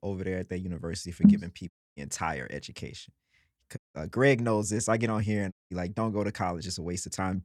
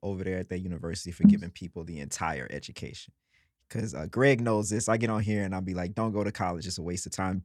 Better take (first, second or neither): second